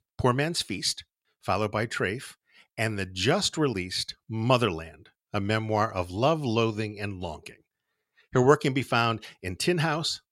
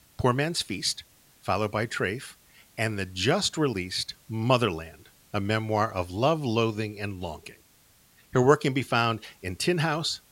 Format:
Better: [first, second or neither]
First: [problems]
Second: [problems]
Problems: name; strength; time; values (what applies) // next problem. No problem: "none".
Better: first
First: none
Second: hiss; faint; throughout; 30 dB below the speech